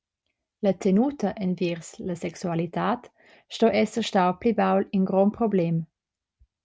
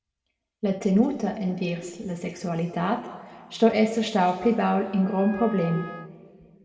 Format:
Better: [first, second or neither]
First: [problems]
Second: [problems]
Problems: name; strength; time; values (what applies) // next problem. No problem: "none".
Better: first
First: none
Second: background sound (Wind instrument, woodwind instrument); 17 dB below the speech // room echo; dies away in 1.5 s